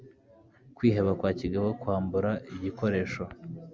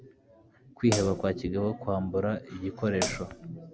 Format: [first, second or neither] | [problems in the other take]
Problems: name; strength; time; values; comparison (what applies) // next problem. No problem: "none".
first | background sound (Hi-hat); 4 dB below the speech